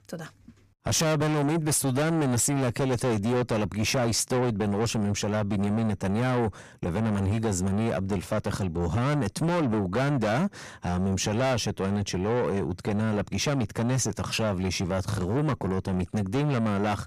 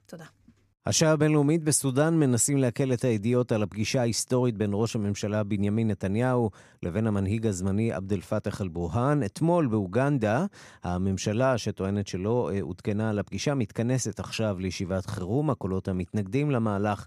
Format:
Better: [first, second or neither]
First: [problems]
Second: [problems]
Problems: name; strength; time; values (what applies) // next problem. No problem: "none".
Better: second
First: distortion; heavy; 6 dB below the speech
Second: none